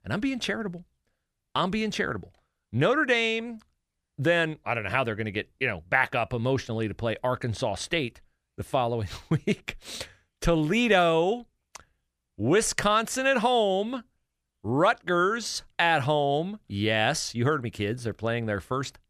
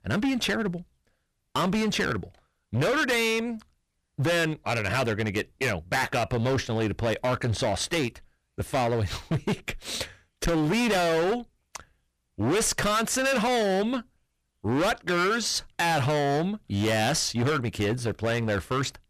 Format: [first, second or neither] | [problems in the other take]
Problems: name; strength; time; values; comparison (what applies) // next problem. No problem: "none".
first | distortion; heavy; 20% of the sound clipped